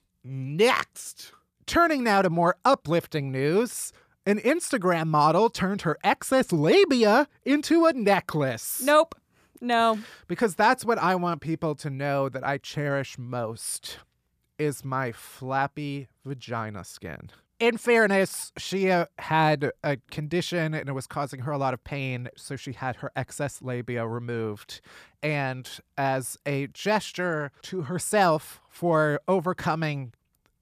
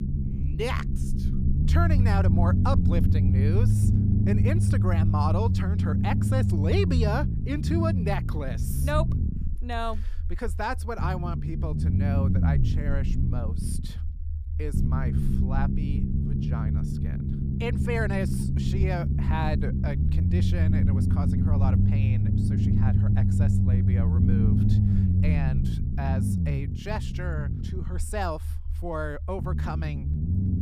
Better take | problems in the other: first | low rumble; loud; throughout; 3 dB below the speech

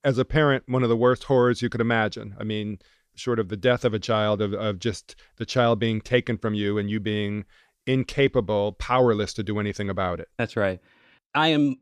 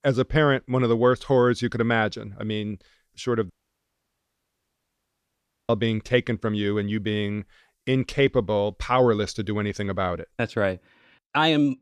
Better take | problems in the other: first | audio cutting out; at 3.5 s for 2 s

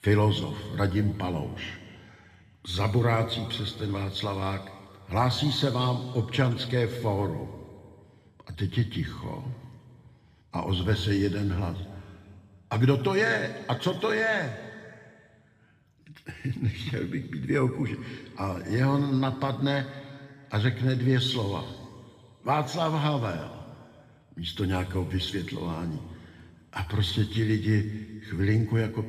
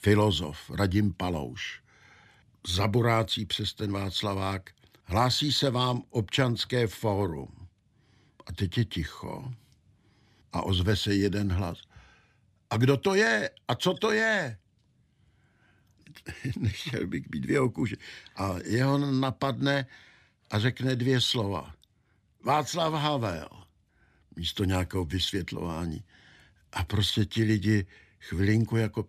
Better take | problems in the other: second | room echo; noticeable; dies away in 2.1 s // off-mic speech; somewhat distant

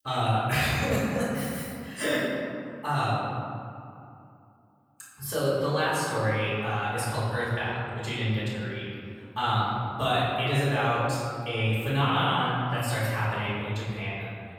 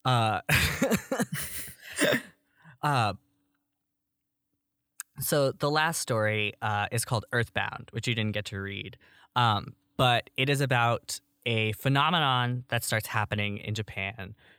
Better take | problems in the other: second | off-mic speech; far // room echo; strong; dies away in 2.2 s

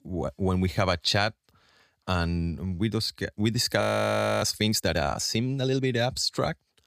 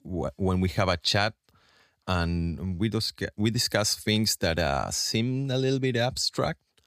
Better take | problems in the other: second | audio freezing; at 4 s for 0.5 s

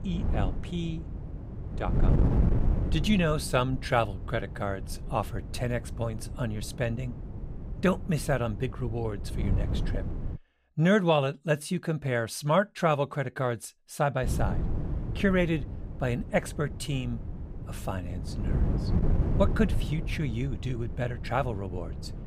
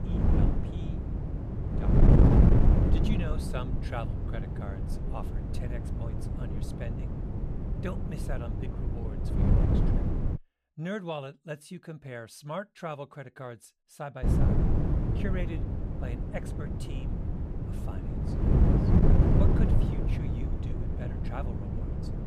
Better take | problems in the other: first | wind noise on the microphone; heavy; until 10 s and from 14 s on; 4 dB above the speech; occasional gusts in the first

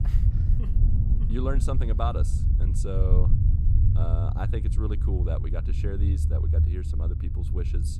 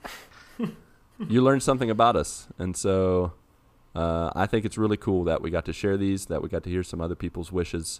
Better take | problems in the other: second | low rumble; loud; throughout; 4 dB below the speech

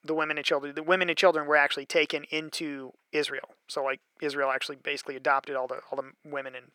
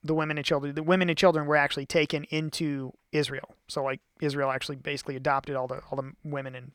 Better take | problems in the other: second | thin; somewhat; fading below 400 Hz

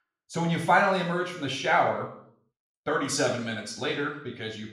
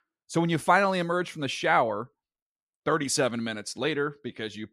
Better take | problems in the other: second | room echo; noticeable; dies away in 0.6 s // off-mic speech; somewhat distant

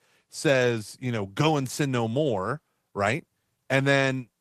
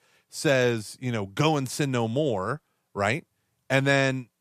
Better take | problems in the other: second | garbled, watery; slightly; nothing above 14.5 kHz

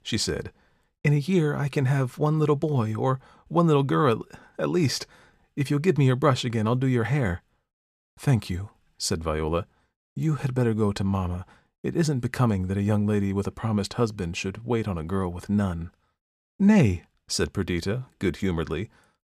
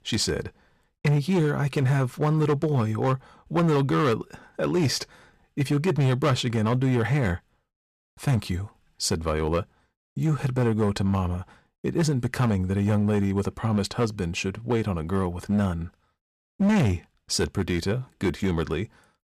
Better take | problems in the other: first | distortion; slight; 8% of the sound clipped

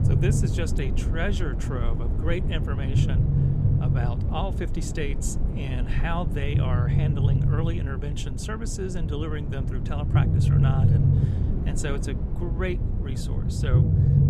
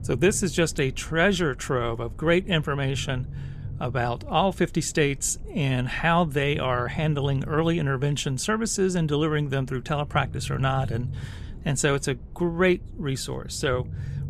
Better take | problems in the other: second | low rumble; loud; throughout; 2 dB below the speech; faint in the second

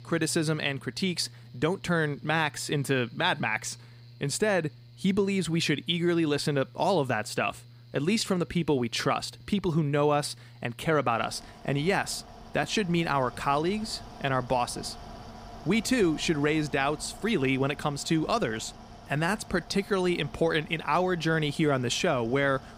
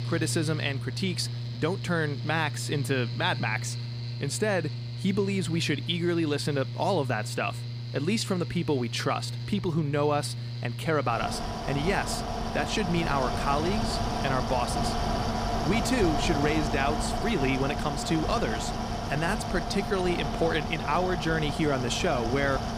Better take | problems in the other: first | machinery noise; loud; throughout; 4 dB below the speech; faint in the first

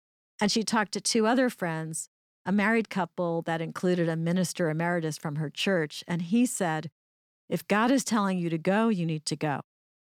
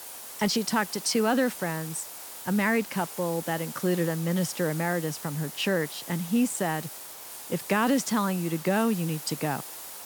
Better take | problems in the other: first | hiss; noticeable; throughout; 10 dB below the speech

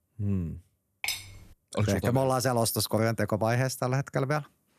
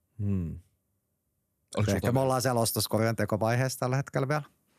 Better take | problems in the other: second | clattering dishes; noticeable; at 1 s; peak 4 dB below the speech

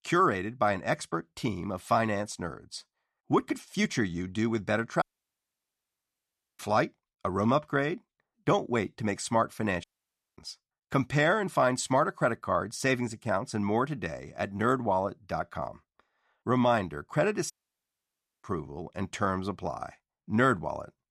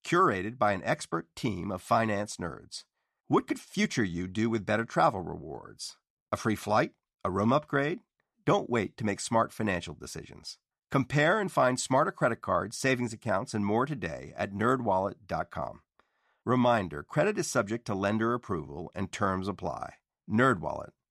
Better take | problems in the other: second | audio cutting out; at 5 s for 1.5 s, at 10 s for 0.5 s and at 18 s for 1 s

